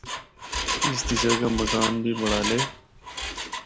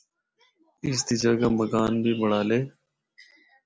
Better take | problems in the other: second | background sound (Engine); 1 dB below the speech

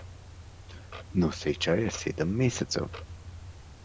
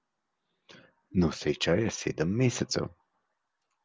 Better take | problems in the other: second | background sound (Clock); 13 dB below the speech

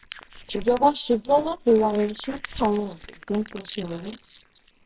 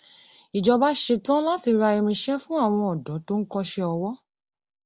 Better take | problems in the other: second | noise reduction (neural separator model SepFormer WHAMR!)

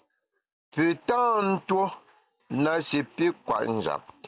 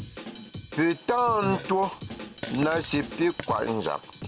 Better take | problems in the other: first | background sound (Drum kit + Fart); 11 dB below the speech

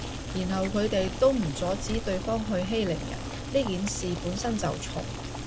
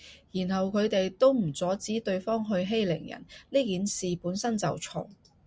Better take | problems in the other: second | background sound (Boiling); 6 dB below the speech

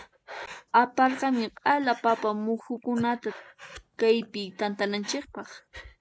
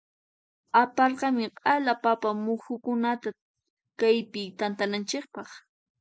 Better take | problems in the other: second | background sound (Breathing); 19 dB below the speech

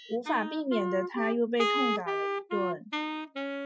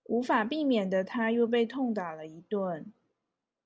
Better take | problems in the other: second | noise reduction (classical method Wiener filter)

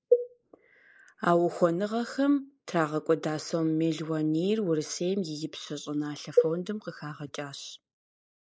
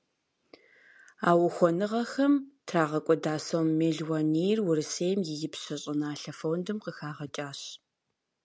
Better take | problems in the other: second | noise reduction (neural mask model Resemble Enhance denoiser)

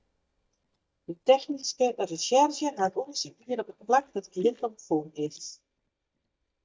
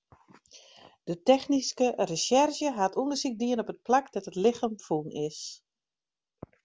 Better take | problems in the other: second | noise reduction (neural mask model DeepFilterNet 3)

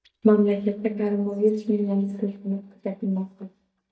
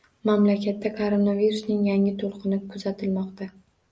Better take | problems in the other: second | noise reduction (neural mask model DeepFilterNet 3)

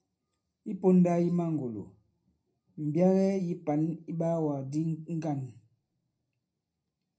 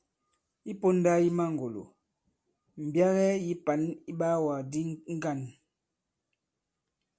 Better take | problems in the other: second | room echo; dies away in 0.4 s

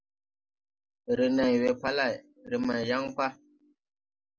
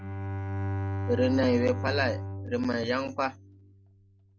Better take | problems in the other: first | background sound (Bowed string instrument); 4 dB below the speech

